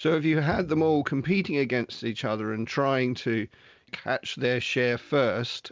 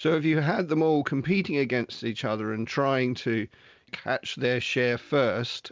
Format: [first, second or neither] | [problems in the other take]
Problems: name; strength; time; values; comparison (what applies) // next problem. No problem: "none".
second | background sound (Bowed string instrument); 18 dB below the speech